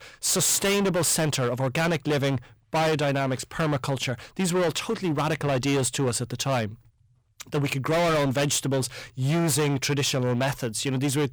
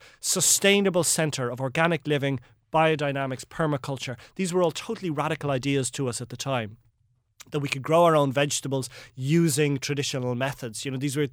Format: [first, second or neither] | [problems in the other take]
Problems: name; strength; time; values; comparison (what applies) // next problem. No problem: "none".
second | distortion; heavy; 22% of the sound clipped